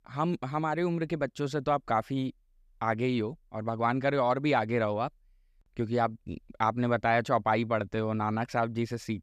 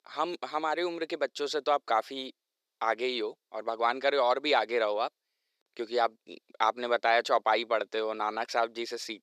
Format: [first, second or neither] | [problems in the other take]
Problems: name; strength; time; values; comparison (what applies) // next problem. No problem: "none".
first | thin; very; fading below 400 Hz